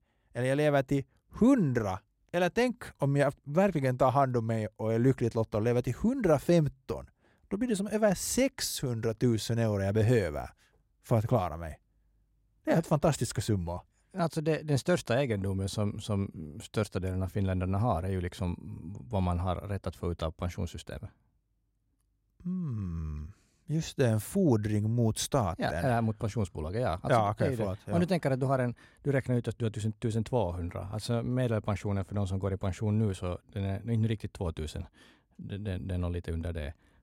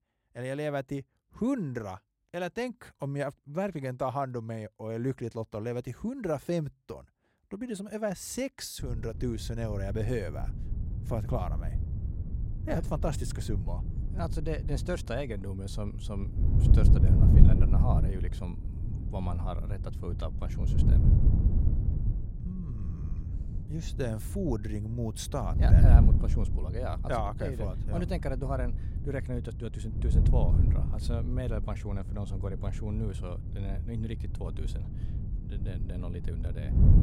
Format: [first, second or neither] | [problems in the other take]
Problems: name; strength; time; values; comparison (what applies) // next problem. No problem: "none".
first | wind noise on the microphone; heavy; from 9 s on; 6 dB below the speech